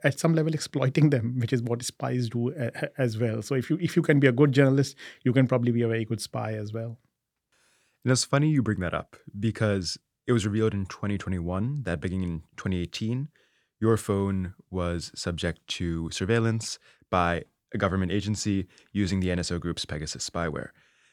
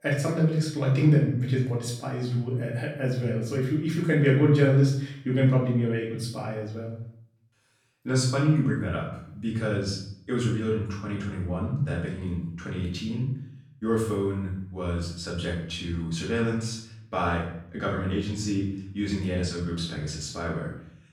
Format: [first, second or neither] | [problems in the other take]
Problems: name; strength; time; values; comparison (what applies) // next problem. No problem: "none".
first | room echo; noticeable; dies away in 0.6 s // off-mic speech; far